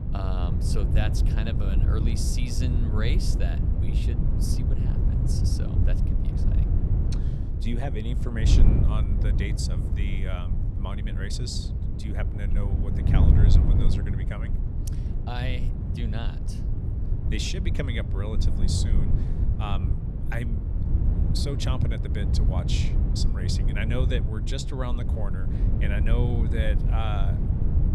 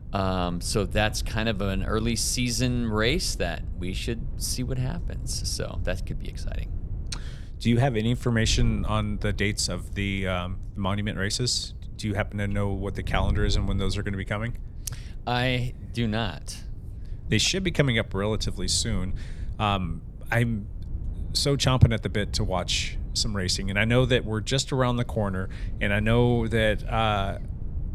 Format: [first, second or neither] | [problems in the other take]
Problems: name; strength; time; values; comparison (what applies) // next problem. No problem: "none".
second | wind noise on the microphone; heavy; 3 dB below the speech; occasional gusts in the second